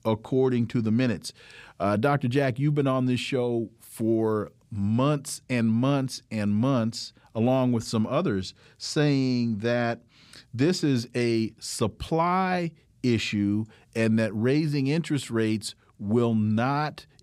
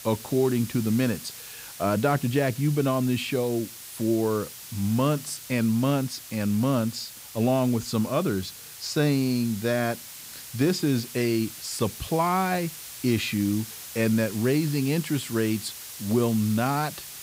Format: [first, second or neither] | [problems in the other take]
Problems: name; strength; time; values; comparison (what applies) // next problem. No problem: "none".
first | hiss; noticeable; throughout; 10 dB below the speech